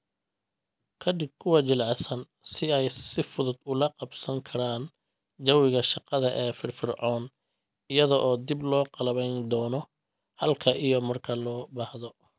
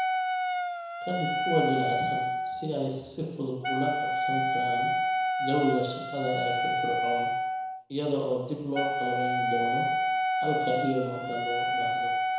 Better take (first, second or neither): first